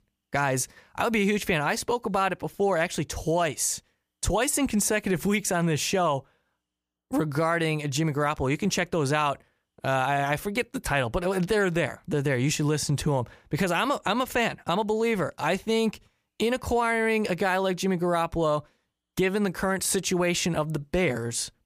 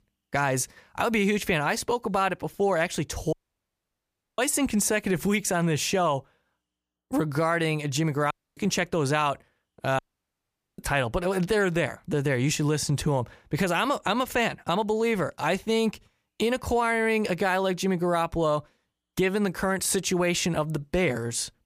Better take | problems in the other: first | audio cutting out; at 3.5 s for 1 s, at 8.5 s and at 10 s for 1 s

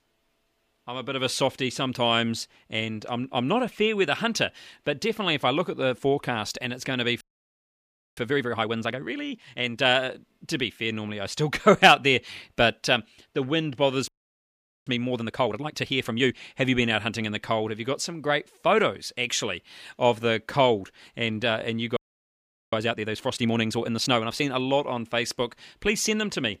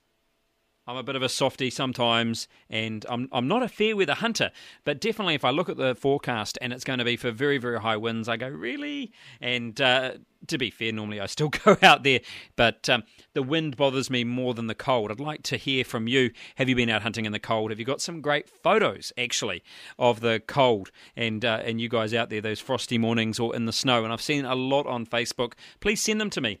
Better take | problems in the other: second | audio freezing; at 7 s for 1 s, at 14 s for 1 s and at 22 s for 1 s

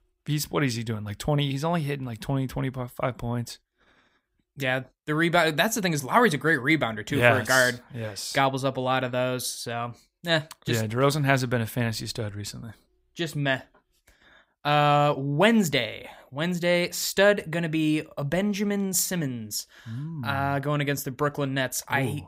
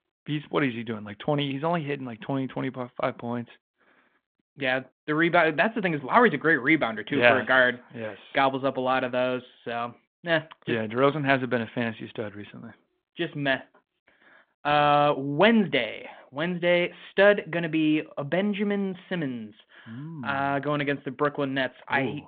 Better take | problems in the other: first | phone-call audio

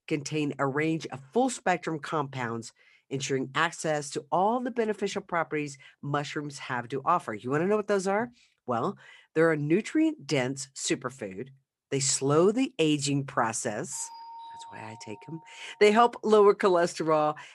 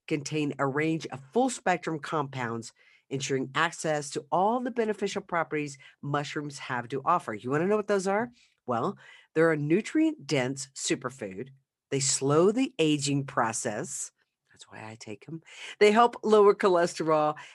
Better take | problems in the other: second | doorbell; faint; from 14 to 16 s; peak 15 dB below the speech

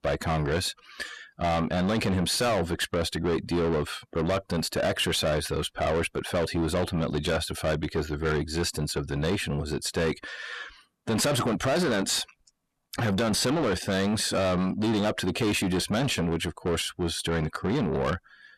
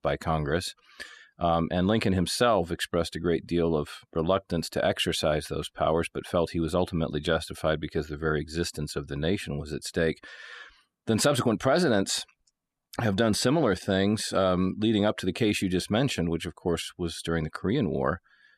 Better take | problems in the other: second | distortion; heavy; 6 dB below the speech

